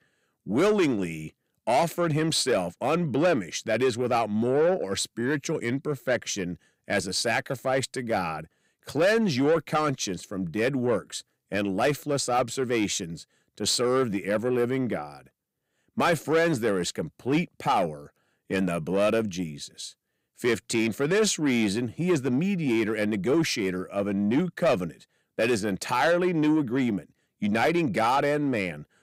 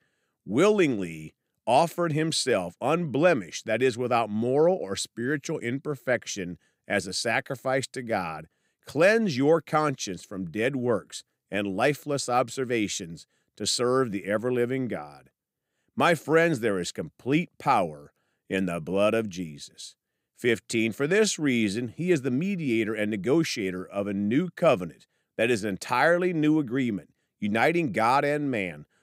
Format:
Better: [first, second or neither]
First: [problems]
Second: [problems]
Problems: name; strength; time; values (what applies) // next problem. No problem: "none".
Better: second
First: distortion; slight; 10 dB below the speech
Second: none